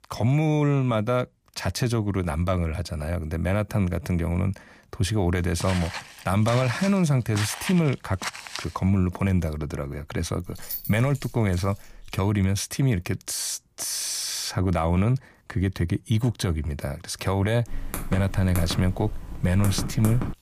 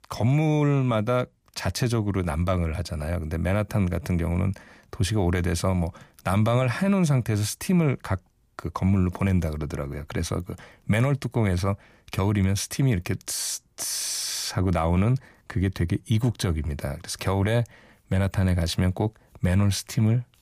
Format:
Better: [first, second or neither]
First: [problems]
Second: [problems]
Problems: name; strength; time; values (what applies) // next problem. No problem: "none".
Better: second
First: footsteps; noticeable; from 5.5 to 8.5 s; peak 5 dB below the speech // jangling keys; noticeable; from 10 to 12 s; peak 7 dB below the speech // keyboard typing; noticeable; from 18 s on; peak 6 dB below the speech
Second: none